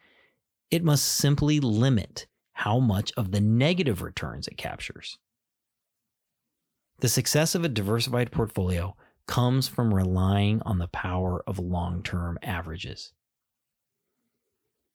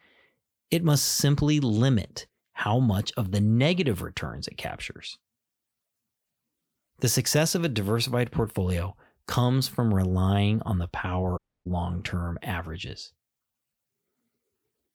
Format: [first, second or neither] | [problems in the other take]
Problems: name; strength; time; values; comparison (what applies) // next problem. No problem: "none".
first | audio cutting out; at 11 s